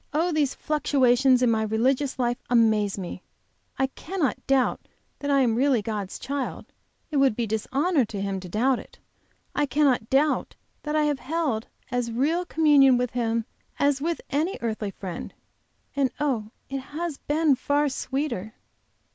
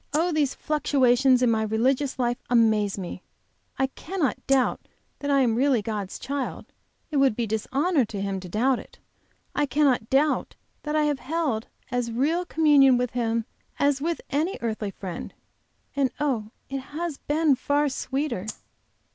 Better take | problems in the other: first | background sound (Rattle (instrument)); 15 dB below the speech

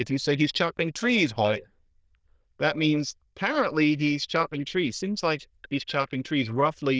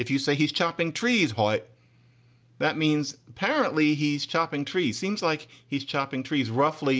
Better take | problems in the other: second | noise reduction (neural diffusion model UNIVERSE++)

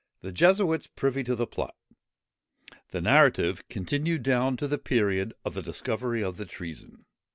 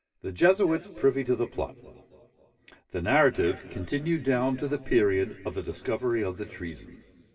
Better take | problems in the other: first | room echo; dies away in 2.5 s

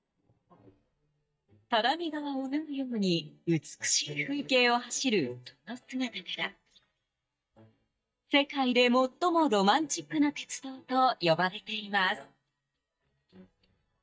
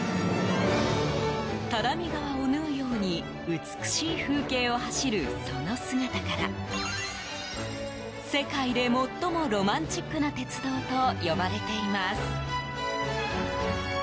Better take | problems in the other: second | noise reduction (neural mask model DeepFilterNet 3)

